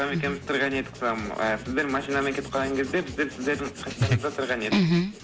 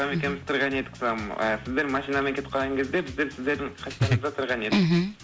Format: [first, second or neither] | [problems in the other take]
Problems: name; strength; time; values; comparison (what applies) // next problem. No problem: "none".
second | background sound (Writing); 16 dB below the speech